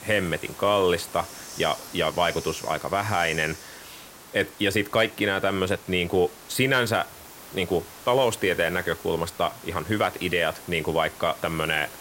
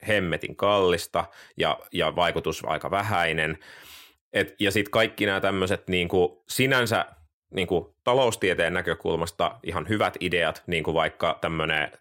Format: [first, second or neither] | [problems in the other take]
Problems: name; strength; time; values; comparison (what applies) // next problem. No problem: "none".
second | hiss; noticeable; throughout; 15 dB below the speech